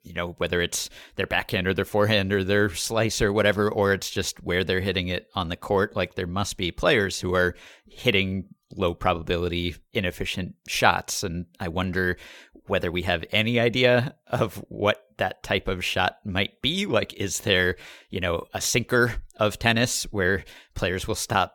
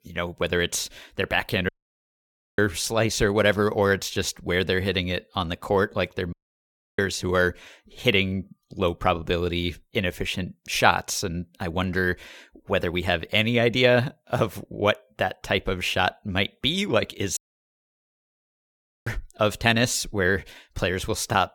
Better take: first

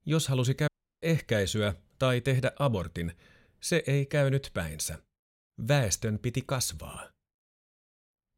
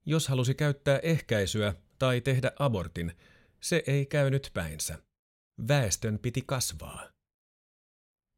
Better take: second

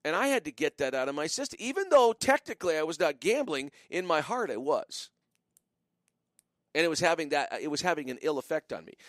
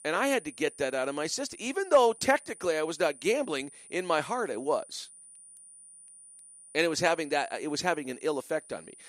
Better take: first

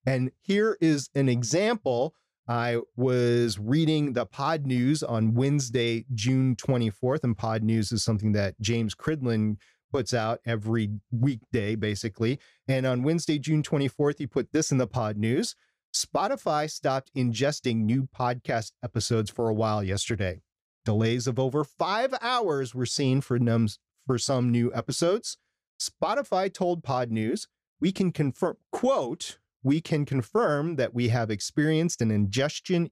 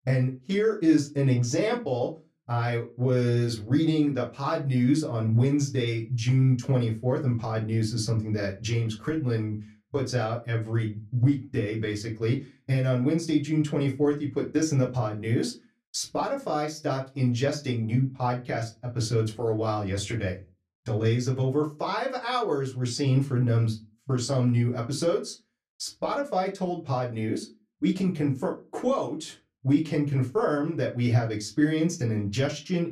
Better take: first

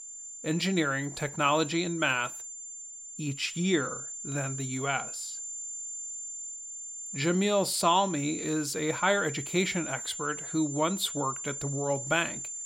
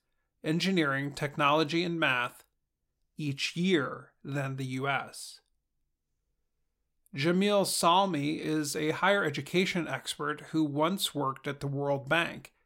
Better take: second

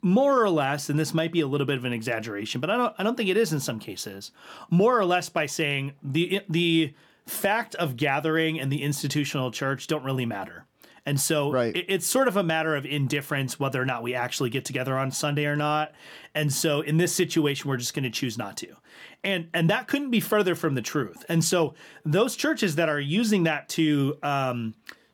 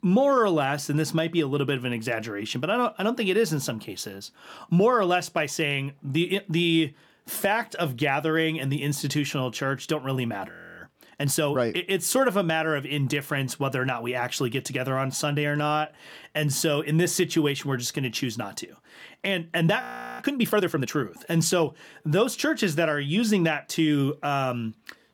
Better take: first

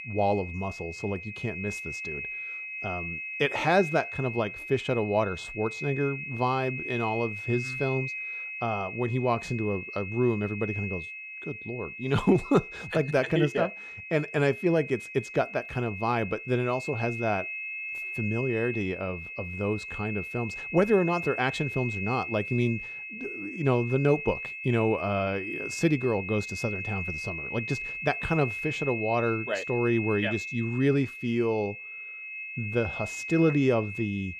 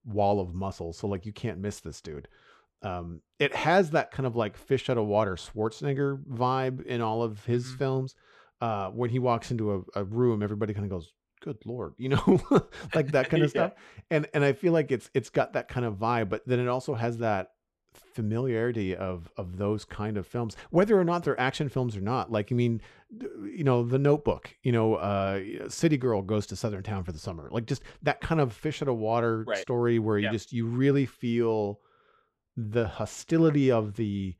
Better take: second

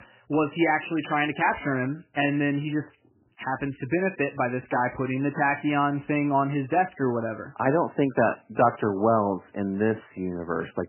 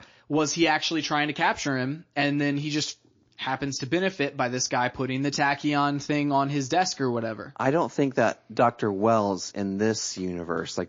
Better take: second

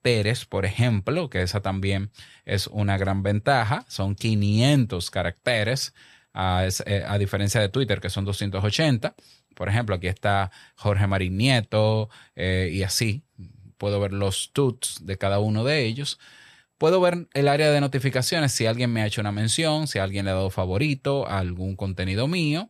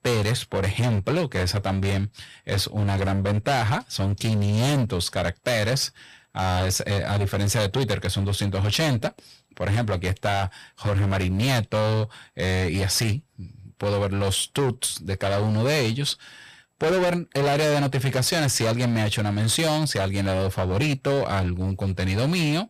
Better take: first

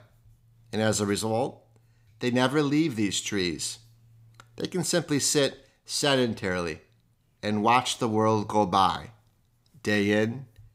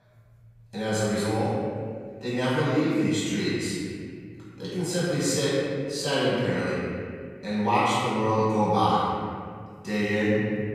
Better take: first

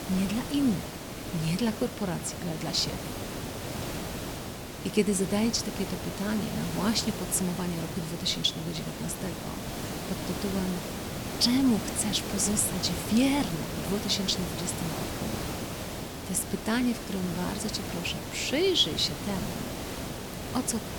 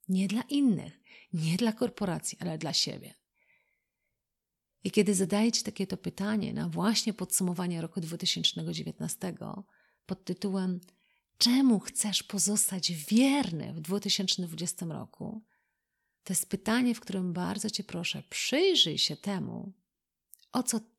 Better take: second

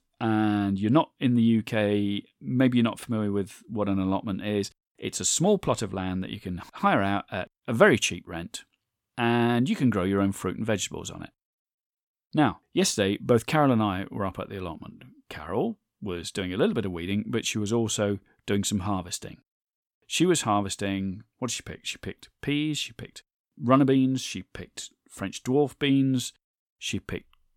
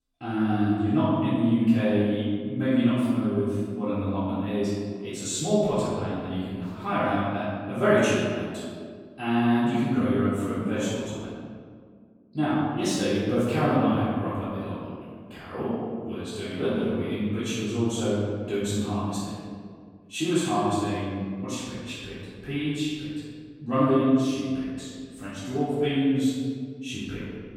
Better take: first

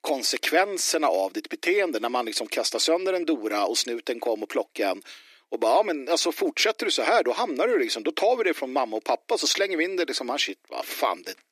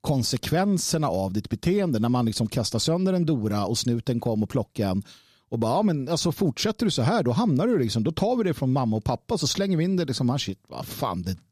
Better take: second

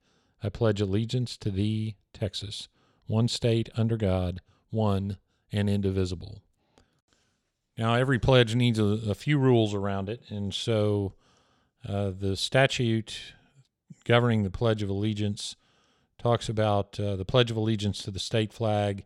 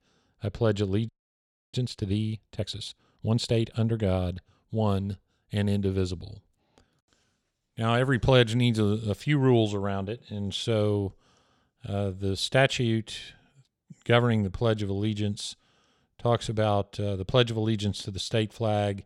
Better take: first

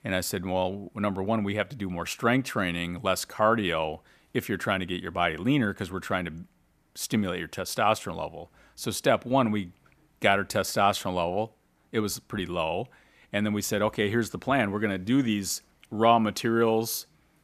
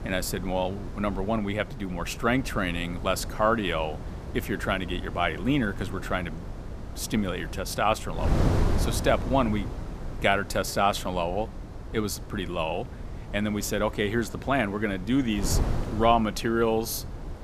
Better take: first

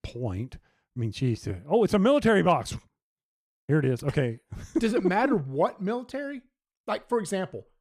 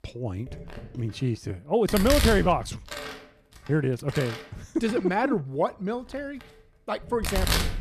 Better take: first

